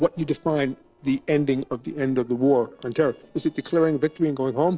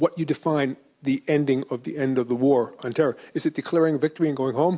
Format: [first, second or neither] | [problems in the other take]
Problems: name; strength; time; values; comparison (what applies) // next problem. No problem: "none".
second | noise reduction (neural separator model SepFormer DNS4)